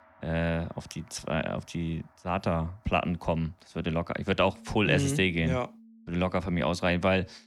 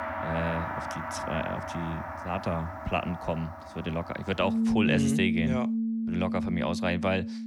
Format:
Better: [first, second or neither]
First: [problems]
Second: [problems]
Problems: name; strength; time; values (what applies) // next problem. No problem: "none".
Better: first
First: background music; faint; throughout; 25 dB below the speech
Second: background music; loud; throughout; as loud as the speech